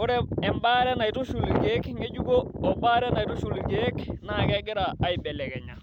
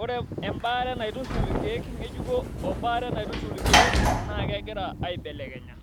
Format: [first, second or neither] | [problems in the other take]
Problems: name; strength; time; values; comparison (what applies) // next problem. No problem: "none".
first | background sound (Sliding door / Slam); 2 dB above the speech